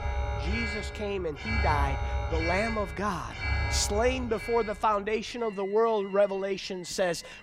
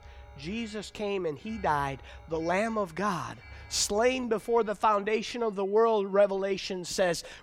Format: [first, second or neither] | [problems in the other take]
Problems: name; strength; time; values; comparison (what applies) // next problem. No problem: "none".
second | alarms or sirens; loud; throughout; 3 dB below the speech; faint in the second